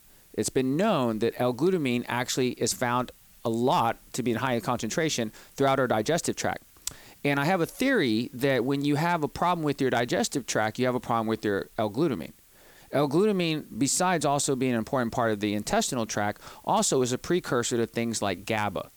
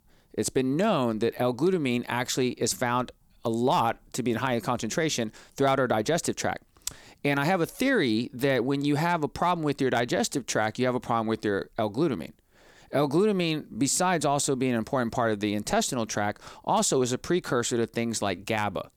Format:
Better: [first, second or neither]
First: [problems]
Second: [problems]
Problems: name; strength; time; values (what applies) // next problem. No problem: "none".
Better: second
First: hiss; faint; throughout; 25 dB below the speech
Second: none